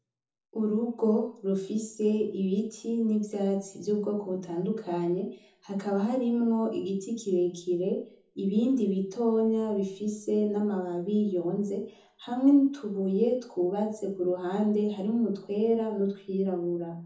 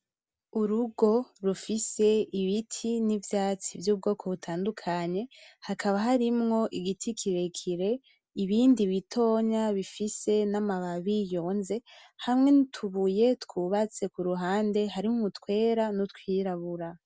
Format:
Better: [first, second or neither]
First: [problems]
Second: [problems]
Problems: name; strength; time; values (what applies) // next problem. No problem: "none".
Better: second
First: room echo; dies away in 0.6 s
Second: none